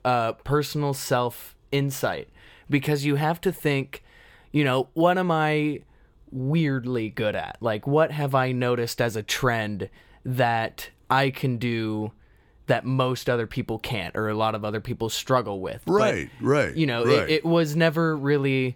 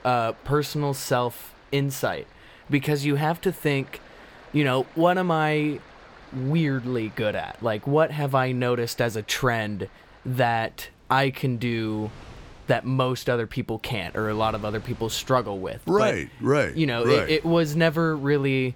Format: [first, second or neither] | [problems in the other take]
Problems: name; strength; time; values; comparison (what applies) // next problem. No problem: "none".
first | rain or running water; faint; throughout; 25 dB below the speech